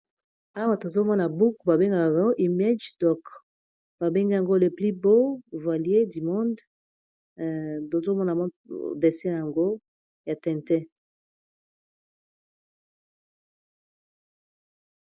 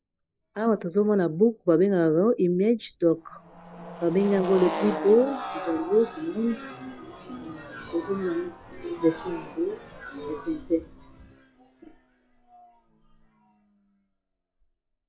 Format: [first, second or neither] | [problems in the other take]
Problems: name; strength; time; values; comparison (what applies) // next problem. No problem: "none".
first | noise reduction (classical method log-MMSE)